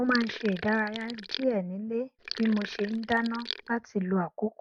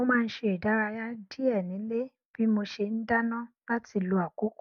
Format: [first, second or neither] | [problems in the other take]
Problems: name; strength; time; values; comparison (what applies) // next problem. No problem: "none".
second | background sound (Sink (filling or washing)); 11 dB below the speech